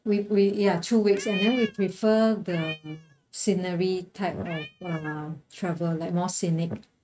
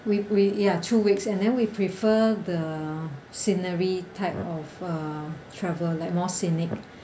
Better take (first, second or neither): second